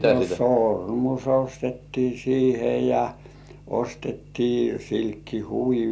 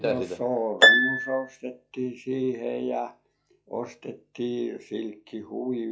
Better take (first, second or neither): first